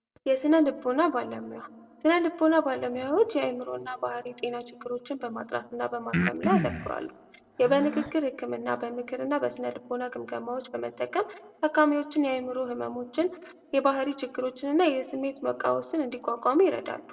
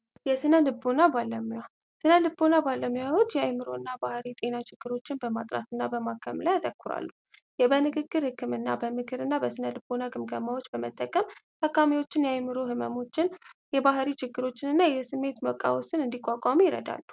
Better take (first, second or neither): second